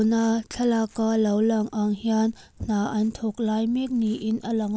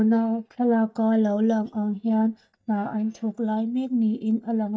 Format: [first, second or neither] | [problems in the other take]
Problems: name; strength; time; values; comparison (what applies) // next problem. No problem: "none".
first | noise reduction (neural mask model DeepFilterNet 3)